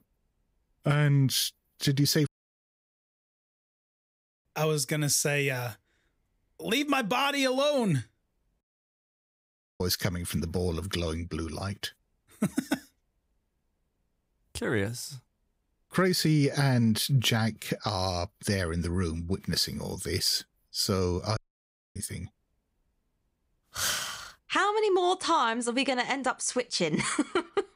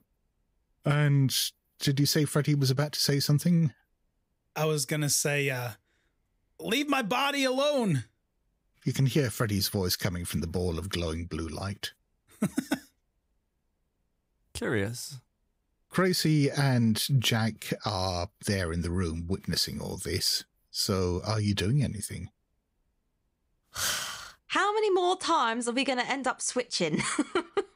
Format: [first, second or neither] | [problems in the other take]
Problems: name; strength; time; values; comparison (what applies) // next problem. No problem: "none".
second | audio cutting out; at 2.5 s for 2 s, at 8.5 s for 1 s and at 21 s for 0.5 s